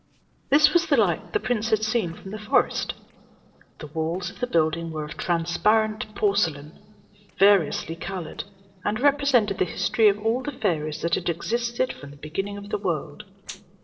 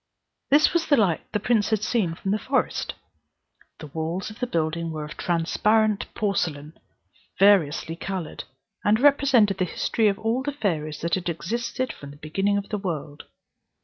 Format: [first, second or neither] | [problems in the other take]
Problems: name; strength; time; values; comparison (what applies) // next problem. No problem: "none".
second | noise reduction (neural separator model SepFormer DNS4)